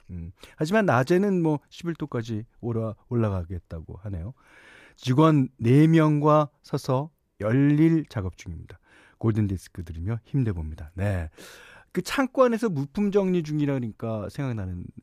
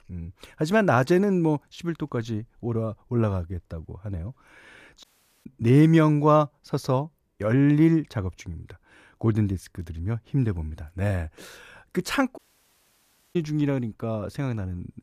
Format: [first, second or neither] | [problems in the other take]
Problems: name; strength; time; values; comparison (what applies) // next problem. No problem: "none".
first | audio cutting out; at 5 s and at 12 s for 1 s